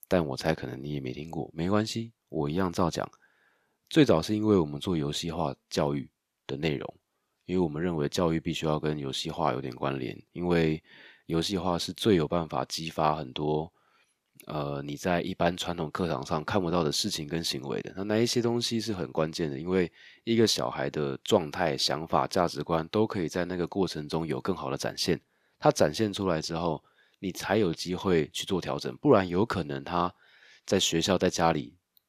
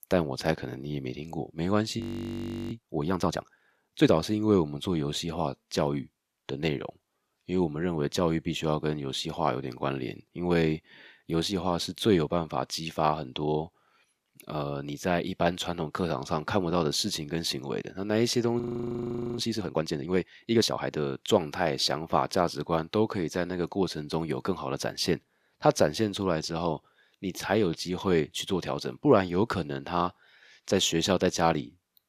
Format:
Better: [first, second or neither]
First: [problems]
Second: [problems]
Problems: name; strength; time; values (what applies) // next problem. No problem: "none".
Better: first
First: none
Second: audio freezing; at 2 s for 0.5 s and at 19 s for 1 s